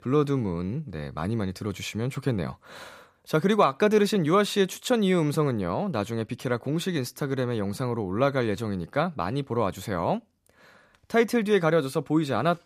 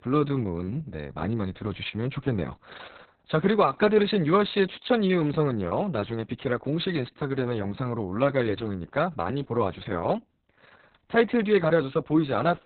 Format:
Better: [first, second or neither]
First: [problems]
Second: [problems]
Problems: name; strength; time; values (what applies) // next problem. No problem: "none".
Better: first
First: none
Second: garbled, watery; badly; nothing above 4 kHz